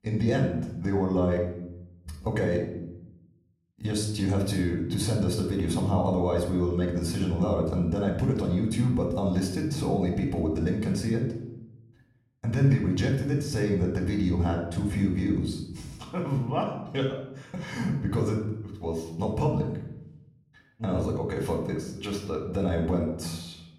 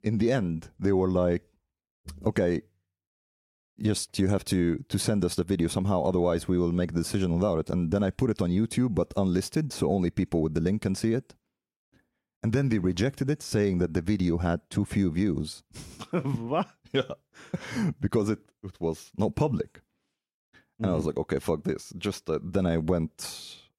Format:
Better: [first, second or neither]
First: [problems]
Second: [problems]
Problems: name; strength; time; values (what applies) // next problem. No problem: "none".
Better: second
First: off-mic speech; somewhat distant // room echo; noticeable; dies away in 0.8 s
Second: none